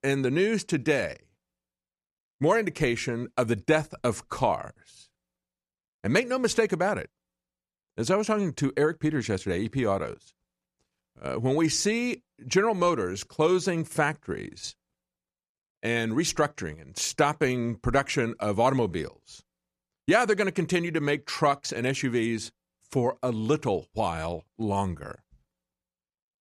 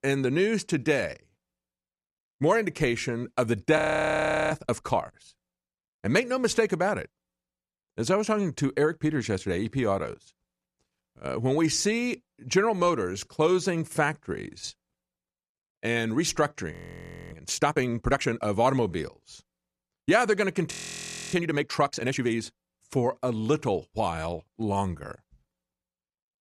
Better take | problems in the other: first | audio freezing; at 4 s for 0.5 s, at 17 s for 0.5 s and at 21 s for 0.5 s

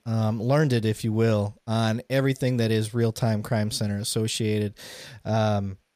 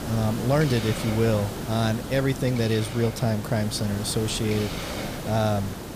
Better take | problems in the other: first | hiss; loud; throughout; 8 dB below the speech

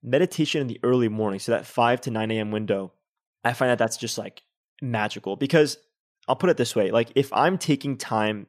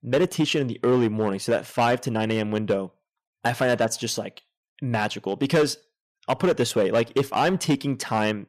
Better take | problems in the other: first | distortion; slight; 5% of the sound clipped

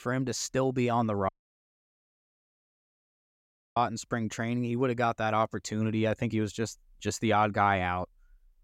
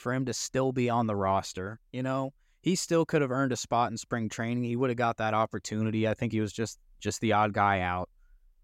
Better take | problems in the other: second | audio cutting out; at 1.5 s for 2.5 s

